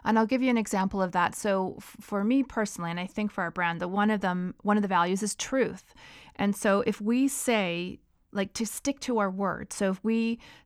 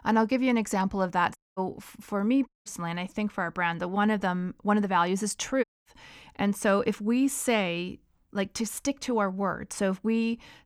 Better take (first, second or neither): first